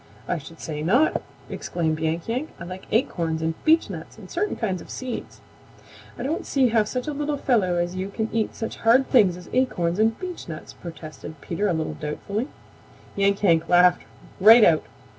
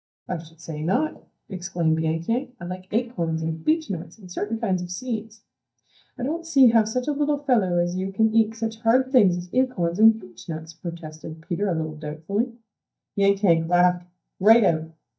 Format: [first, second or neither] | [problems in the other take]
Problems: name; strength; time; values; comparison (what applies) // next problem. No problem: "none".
first | noise reduction (neural mask model DeepFilterNet 3)